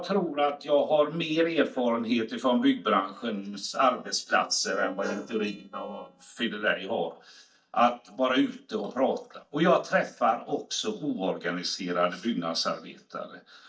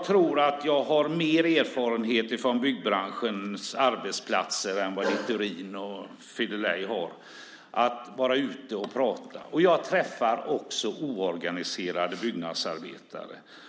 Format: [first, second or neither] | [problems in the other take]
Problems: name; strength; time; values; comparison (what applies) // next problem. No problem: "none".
second | noise reduction (neural mask model DeepFilterNet 3)